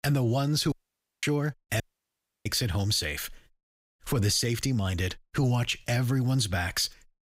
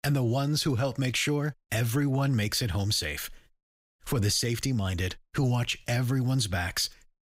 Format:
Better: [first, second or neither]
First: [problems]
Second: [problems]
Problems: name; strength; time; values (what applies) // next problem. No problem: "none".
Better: second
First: audio cutting out; at 0.5 s for 0.5 s and at 2 s for 0.5 s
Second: none